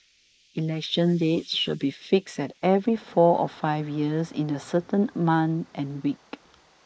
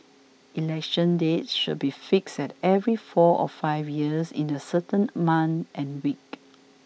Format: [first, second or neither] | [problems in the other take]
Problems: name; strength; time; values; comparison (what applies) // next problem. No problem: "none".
second | noise reduction (neural mask model Resemble Enhance denoiser)